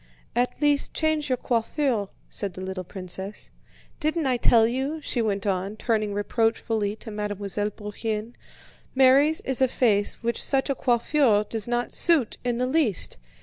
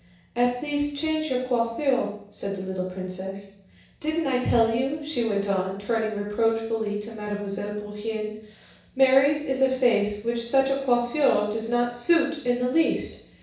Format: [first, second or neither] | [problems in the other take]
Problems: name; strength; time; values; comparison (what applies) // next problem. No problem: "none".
first | room echo; dies away in 0.7 s